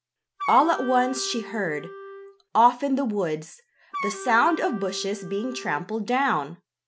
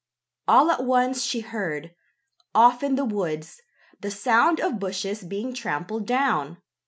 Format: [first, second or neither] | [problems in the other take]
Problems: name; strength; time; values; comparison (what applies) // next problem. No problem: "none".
second | background sound (Wind instrument, woodwind instrument); 12 dB below the speech